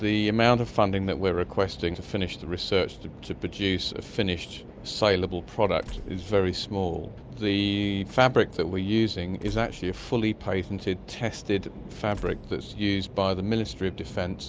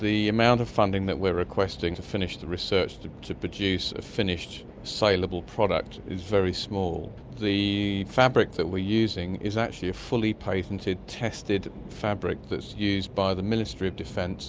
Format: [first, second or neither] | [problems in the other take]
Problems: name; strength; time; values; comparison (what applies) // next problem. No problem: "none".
second | background sound (Tools); 19 dB below the speech